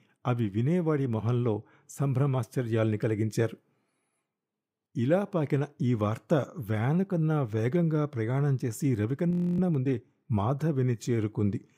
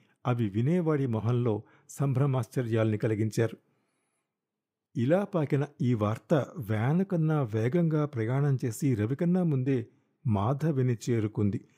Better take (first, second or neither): second